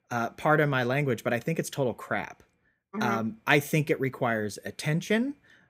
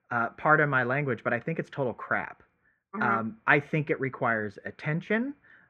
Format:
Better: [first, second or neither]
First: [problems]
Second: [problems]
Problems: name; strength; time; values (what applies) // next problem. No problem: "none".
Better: first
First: none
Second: muffled; very; fading above 2 kHz